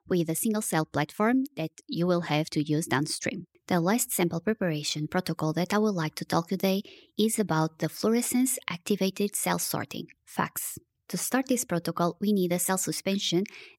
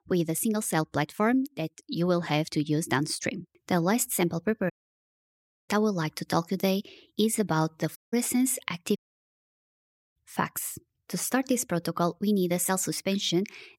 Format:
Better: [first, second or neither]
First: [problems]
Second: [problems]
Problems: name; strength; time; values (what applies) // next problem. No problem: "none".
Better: first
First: none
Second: audio cutting out; at 4.5 s for 1 s, at 8 s and at 9 s for 1 s